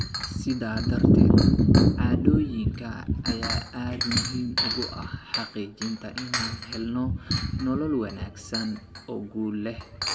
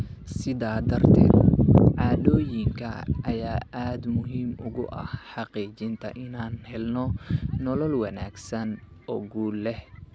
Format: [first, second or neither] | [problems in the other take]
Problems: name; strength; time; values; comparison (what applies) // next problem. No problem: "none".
second | background sound (Chink, clink); 10 dB below the speech // room echo; dies away in 0.9 s